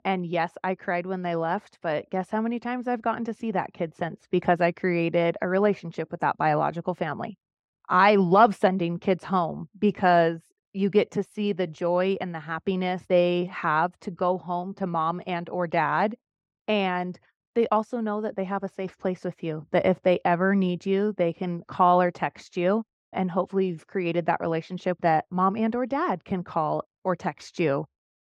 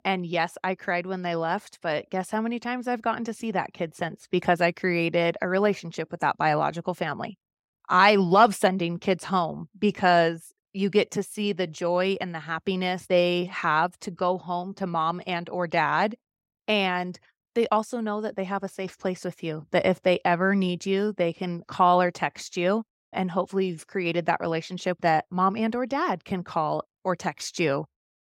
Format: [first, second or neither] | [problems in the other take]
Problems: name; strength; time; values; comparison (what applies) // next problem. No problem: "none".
second | muffled; slightly; fading above 1.5 kHz